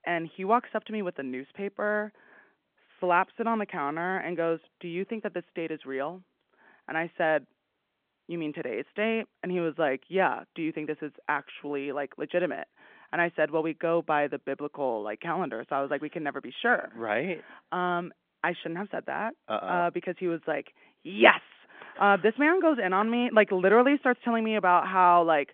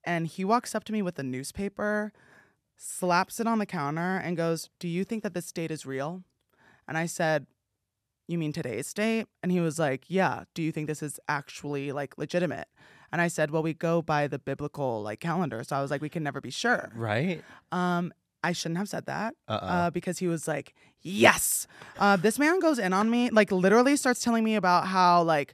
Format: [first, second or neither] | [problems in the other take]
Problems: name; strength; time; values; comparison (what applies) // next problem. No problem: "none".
second | phone-call audio